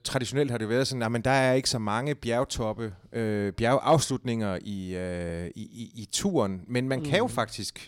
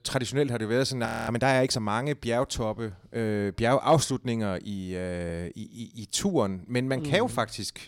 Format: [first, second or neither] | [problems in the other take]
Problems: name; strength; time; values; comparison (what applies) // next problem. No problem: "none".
first | audio freezing; at 1 s